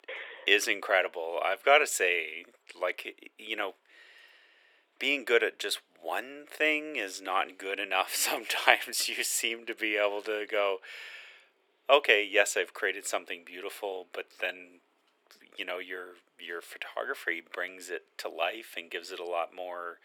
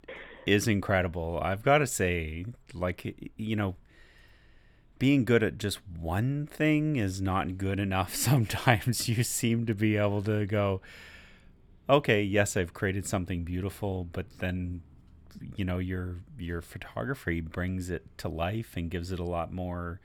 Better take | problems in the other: second | thin; very; fading below 400 Hz

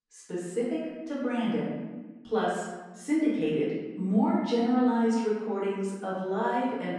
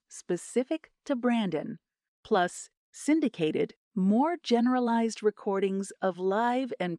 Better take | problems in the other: second | room echo; noticeable; dies away in 1.1 s // off-mic speech; far

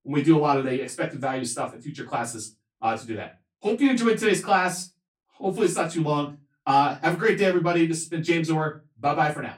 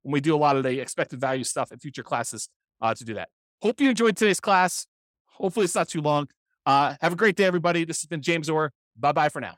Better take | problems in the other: second | off-mic speech; far // room echo; very slight; dies away in 0.2 s

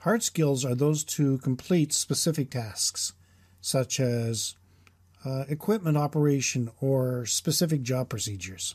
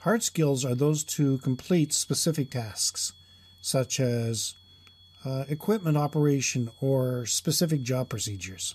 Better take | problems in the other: first | high-pitched whine; faint; throughout; 3.5 kHz, 25 dB below the speech

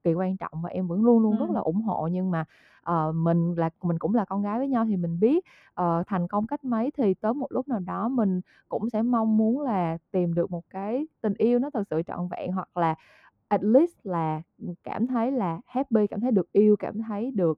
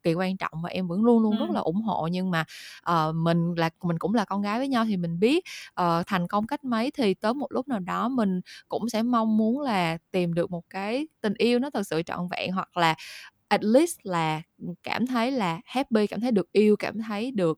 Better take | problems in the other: second | muffled; very; fading above 2 kHz

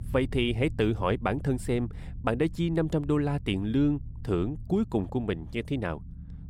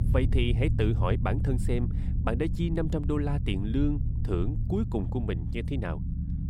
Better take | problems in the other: first | low rumble; loud; throughout; 10 dB below the speech; faint in the first

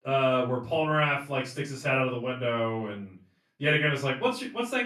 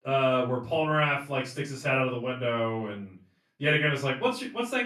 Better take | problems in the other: neither | off-mic speech; far; the same in both // room echo; slight; dies away in 0.3 s; the same in both

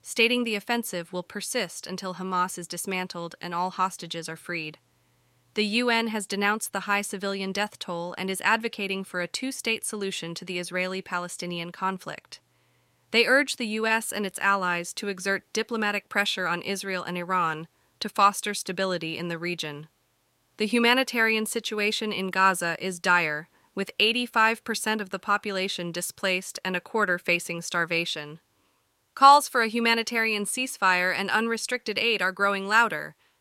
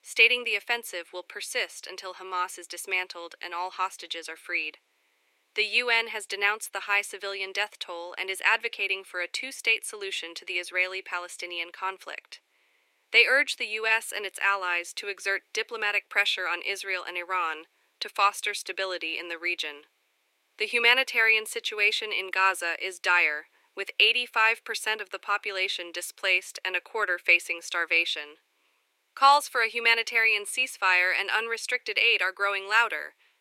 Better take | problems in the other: first | thin; very; fading below 350 Hz

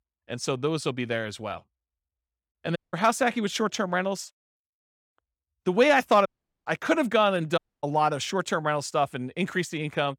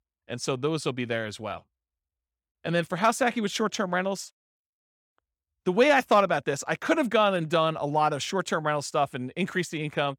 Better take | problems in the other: second | audio cutting out; at 3 s, at 6.5 s and at 7.5 s

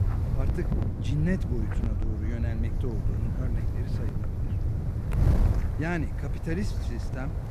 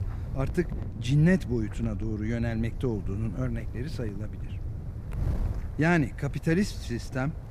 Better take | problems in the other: second | wind noise on the microphone; heavy; 2 dB below the speech; occasional gusts in the second

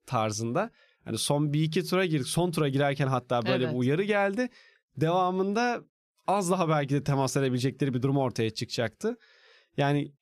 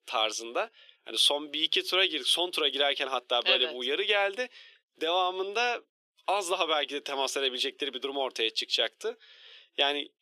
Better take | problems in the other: first | thin; very; fading below 350 Hz

